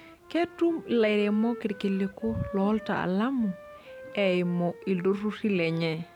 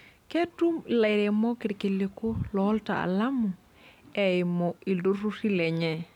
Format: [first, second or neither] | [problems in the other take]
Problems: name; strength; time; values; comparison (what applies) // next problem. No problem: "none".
second | background sound (Wind instrument, woodwind instrument); 17 dB below the speech